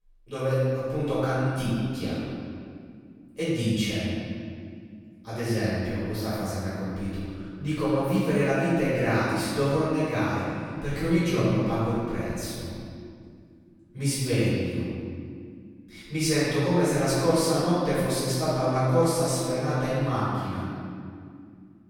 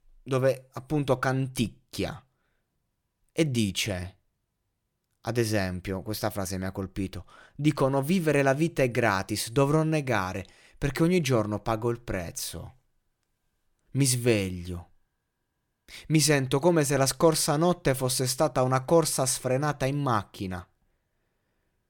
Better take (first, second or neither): second